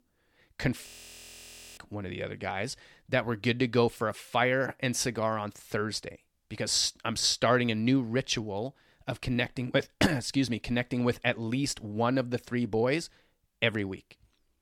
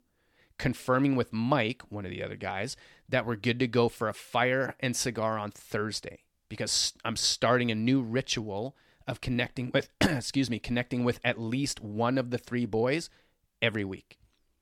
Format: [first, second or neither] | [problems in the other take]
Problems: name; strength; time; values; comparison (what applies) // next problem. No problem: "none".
second | audio freezing; at 1 s for 1 s